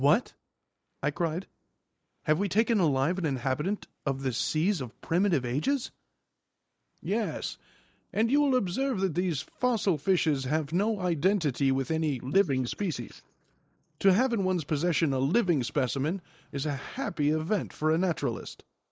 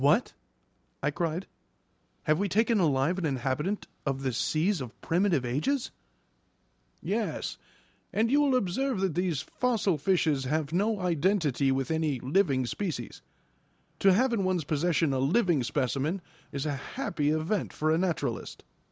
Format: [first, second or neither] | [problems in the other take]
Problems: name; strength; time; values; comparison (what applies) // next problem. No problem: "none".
second | noise reduction (neural mask model Resemble Enhance denoiser)